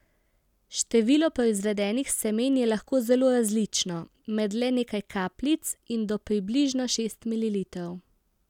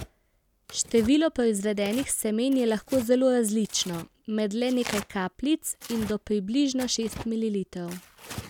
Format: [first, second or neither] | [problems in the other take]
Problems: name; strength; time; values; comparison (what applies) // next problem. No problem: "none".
first | background sound (Tearing); 17 dB below the speech